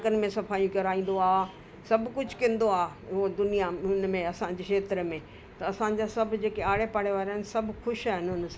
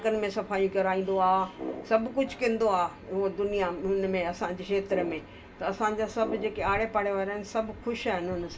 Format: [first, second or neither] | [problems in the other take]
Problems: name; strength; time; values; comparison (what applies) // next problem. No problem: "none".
first | background sound (Brass instrument); 14 dB below the speech // room echo; dies away in 0.1 s